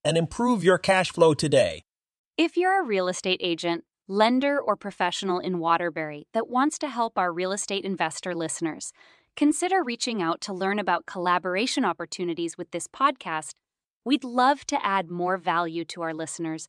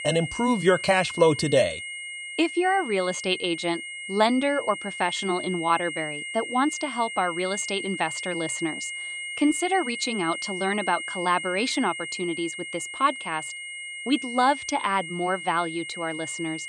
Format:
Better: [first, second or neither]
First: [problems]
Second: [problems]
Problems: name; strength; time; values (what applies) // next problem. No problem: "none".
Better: first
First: none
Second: high-pitched whine; loud; throughout; 2 kHz, 7 dB below the speech